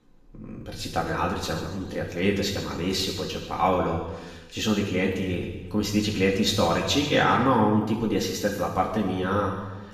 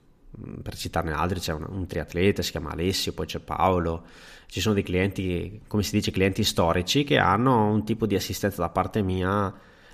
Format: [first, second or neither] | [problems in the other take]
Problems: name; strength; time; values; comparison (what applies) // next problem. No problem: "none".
second | room echo; noticeable; dies away in 1.1 s // off-mic speech; far